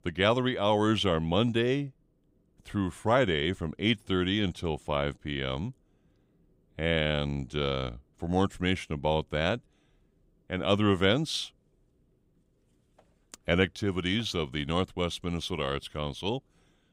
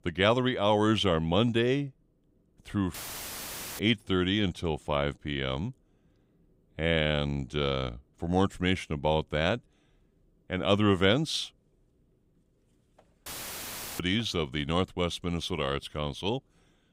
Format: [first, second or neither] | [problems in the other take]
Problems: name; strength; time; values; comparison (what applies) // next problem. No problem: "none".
first | audio cutting out; filled with static; at 3 s for 1 s and at 13 s for 0.5 s